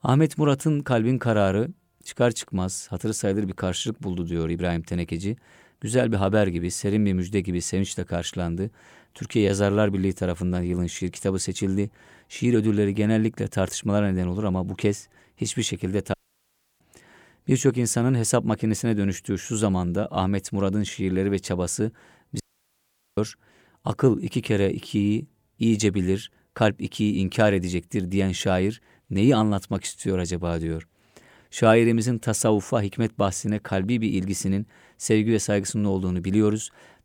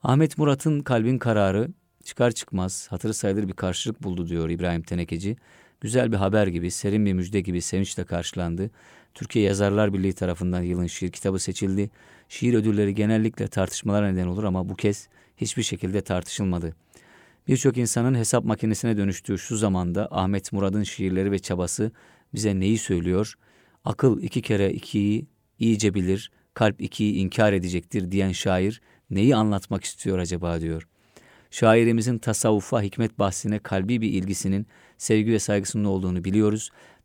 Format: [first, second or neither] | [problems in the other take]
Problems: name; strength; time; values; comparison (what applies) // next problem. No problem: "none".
second | audio cutting out; at 16 s for 0.5 s and at 22 s for 1 s